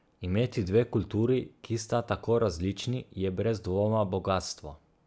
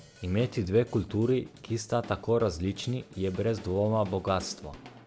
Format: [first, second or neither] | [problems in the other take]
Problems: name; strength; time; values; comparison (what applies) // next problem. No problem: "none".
first | background sound (Drum kit); 19 dB below the speech